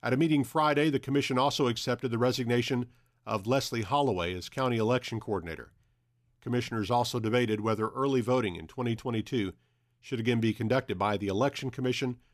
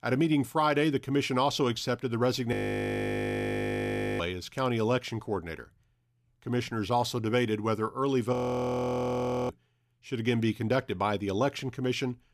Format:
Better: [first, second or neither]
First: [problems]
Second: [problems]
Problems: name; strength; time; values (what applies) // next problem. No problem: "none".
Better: first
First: none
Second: audio freezing; at 2.5 s for 1.5 s and at 8.5 s for 1 s